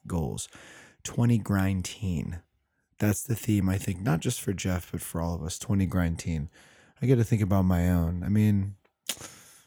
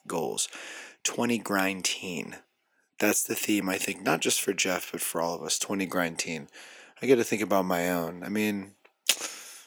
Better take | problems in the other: first | thin; somewhat; fading below 300 Hz

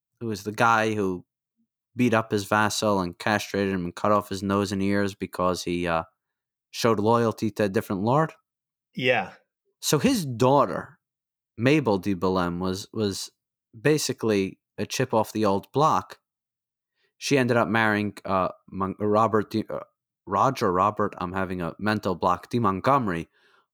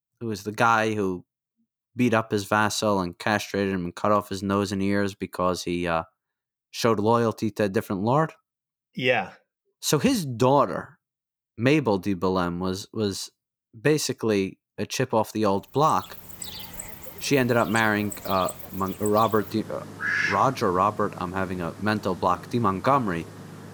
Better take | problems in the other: first | animal sounds; loud; from 16 s on; 10 dB below the speech

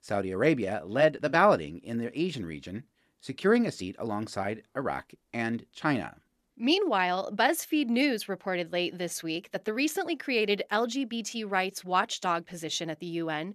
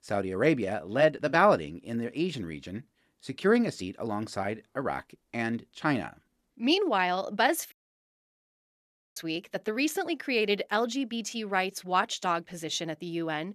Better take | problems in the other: first | audio cutting out; at 7.5 s for 1.5 s

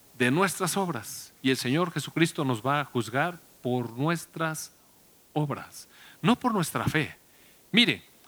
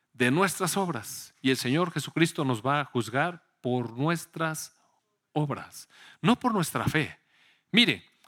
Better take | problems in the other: second | hiss; faint; throughout; 25 dB below the speech

